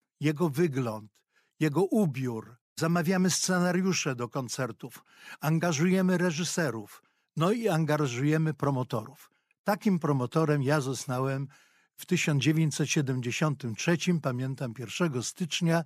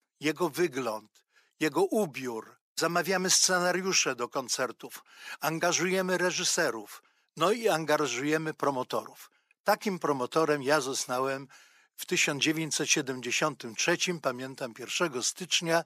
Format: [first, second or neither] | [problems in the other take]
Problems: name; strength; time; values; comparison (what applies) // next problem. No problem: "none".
first | thin; somewhat; fading below 400 Hz